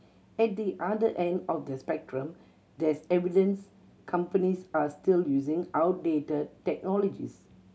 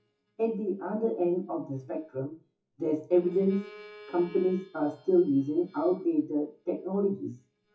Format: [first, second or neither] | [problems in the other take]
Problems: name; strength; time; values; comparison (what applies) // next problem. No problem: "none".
first | noise reduction (classical method WPE with log-MMSE)